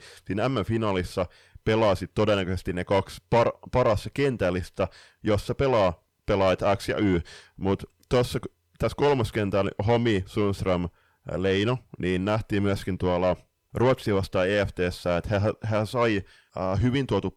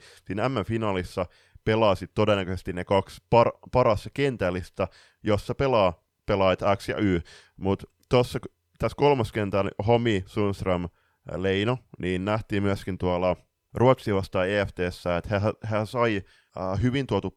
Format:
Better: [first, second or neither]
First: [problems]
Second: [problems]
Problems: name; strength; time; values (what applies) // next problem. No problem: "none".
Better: second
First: distortion; slight; 10 dB below the speech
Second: none